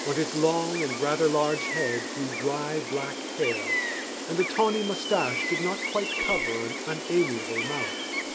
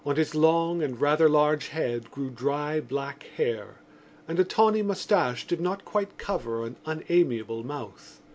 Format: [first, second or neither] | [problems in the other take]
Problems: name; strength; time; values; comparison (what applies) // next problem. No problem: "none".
second | background sound (Gull, seagull); 3 dB below the speech